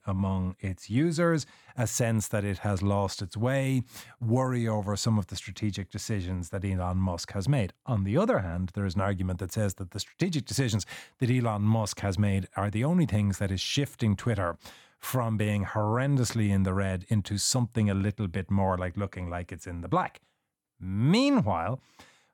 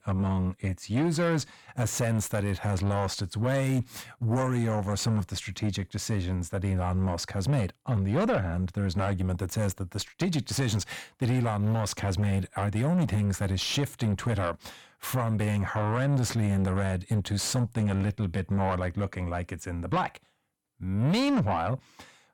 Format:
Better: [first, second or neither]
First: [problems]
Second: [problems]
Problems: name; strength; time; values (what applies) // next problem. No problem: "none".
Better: first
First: none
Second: distortion; slight; 10 dB below the speech